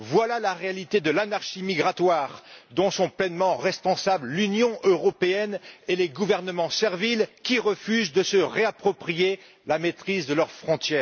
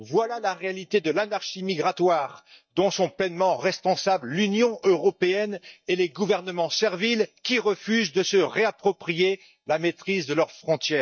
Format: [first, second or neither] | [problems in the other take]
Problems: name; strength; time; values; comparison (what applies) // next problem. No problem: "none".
first | noise reduction (neural mask model DeepFilterNet 3)